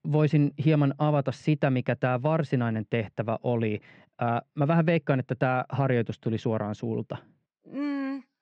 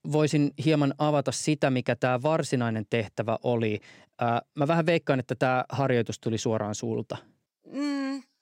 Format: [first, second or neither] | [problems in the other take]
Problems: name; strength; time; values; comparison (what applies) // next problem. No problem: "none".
second | muffled; slightly; fading above 2.5 kHz